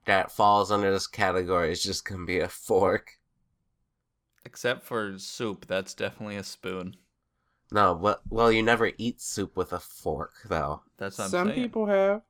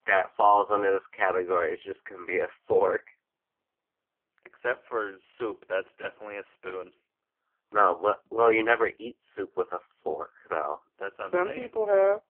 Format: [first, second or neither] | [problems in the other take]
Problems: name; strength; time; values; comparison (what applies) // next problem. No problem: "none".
first | phone-call audio; poor line